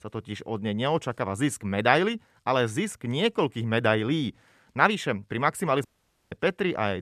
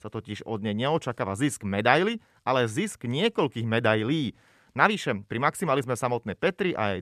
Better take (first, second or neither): second